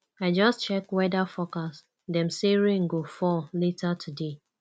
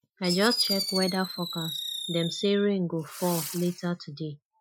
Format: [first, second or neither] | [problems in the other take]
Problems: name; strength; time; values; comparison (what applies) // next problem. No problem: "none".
first | noise reduction (classical method Wiener filter)